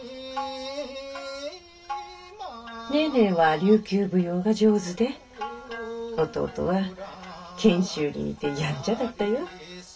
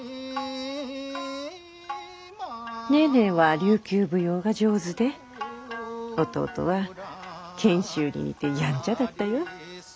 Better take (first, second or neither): second